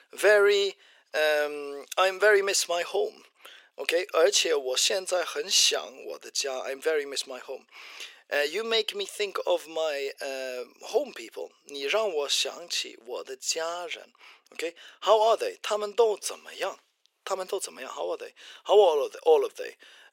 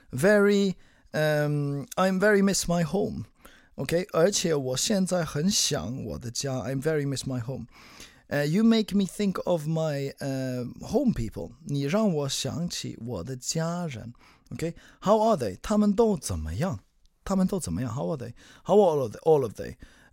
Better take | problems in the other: second | thin; very; fading below 400 Hz

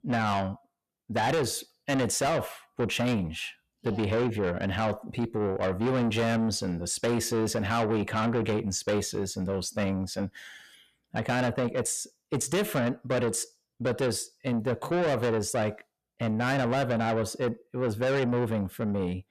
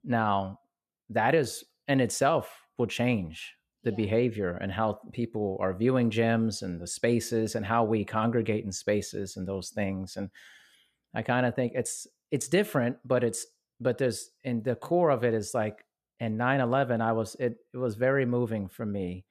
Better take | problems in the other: second | distortion; heavy; 7 dB below the speech

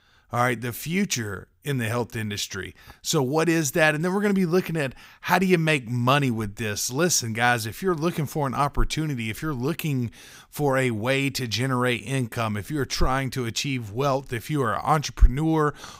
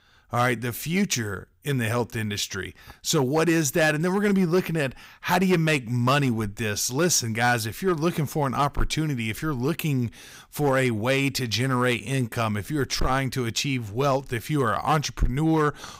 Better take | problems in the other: first | distortion; slight; 3% of the sound clipped

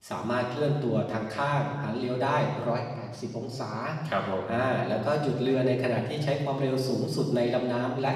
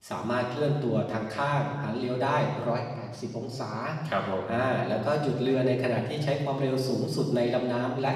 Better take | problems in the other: neither | room echo; noticeable; dies away in 1.3 s; the same in both // off-mic speech; far; the same in both

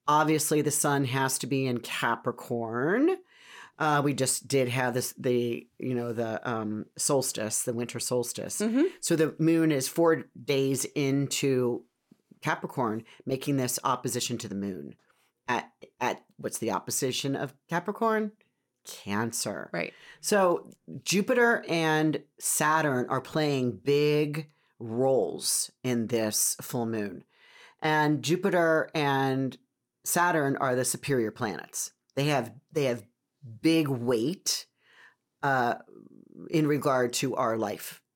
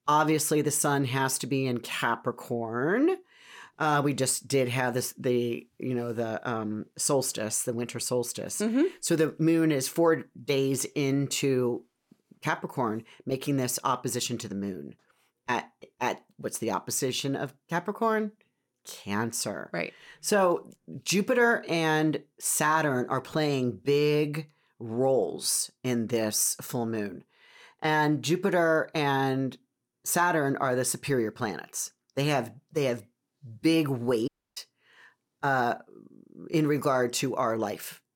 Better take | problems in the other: first | audio cutting out; at 34 s

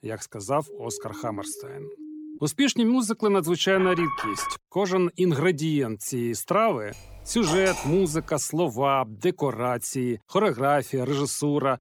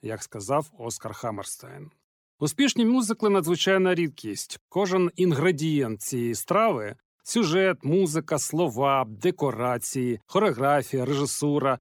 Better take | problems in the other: second | siren; faint; from 0.5 to 2.5 s; peak 15 dB below the speech // alarm; noticeable; at 4 s; peak 4 dB below the speech // clattering dishes; noticeable; from 7 to 8.5 s; peak 5 dB below the speech

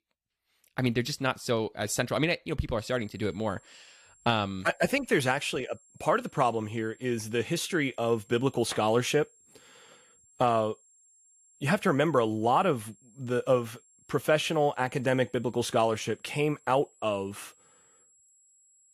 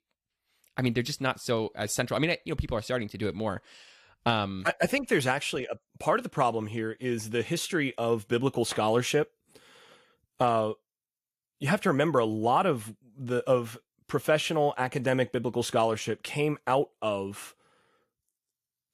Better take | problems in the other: second | high-pitched whine; faint; from 3 s on; 7.5 kHz, 30 dB below the speech

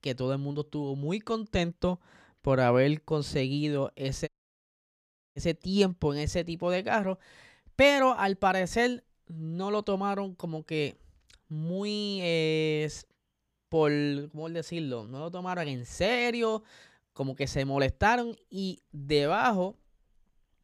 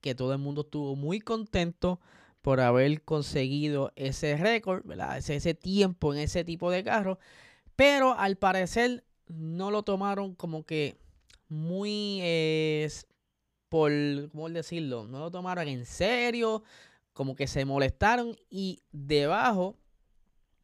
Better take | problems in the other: second | audio cutting out; at 4.5 s for 1 s

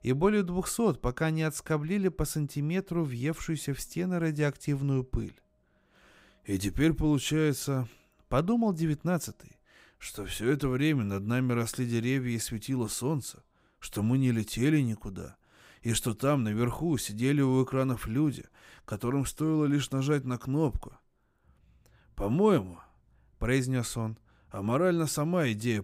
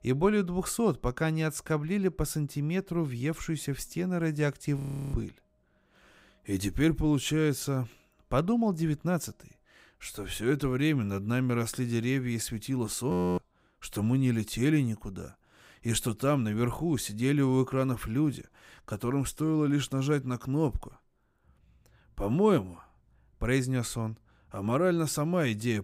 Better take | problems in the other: first | audio freezing; at 5 s and at 13 s

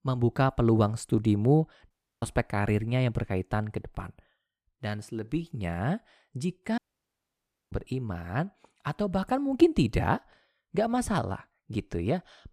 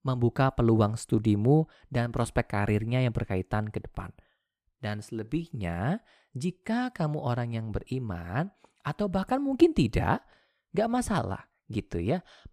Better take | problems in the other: second | audio cutting out; at 2 s and at 7 s for 1 s

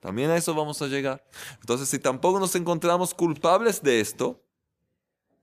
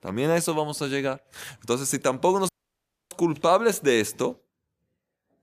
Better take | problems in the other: first | audio cutting out; at 2.5 s for 0.5 s

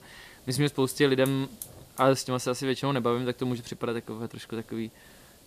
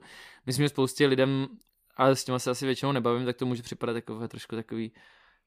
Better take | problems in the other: second | hiss; faint; throughout; 20 dB below the speech

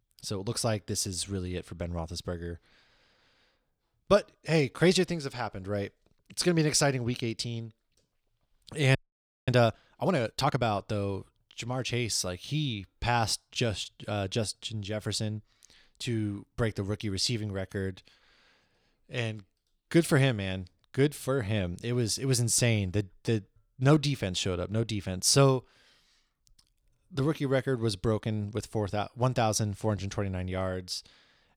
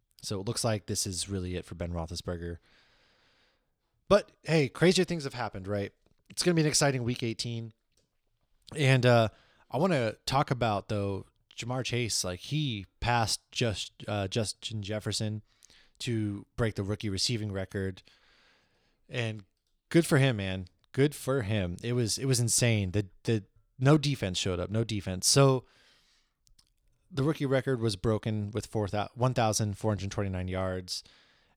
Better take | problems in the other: second | audio freezing; at 9 s for 0.5 s

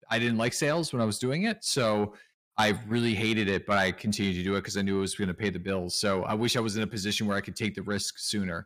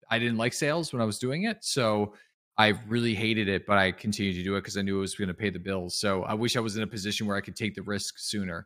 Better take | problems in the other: second | distortion; slight; 10 dB below the speech

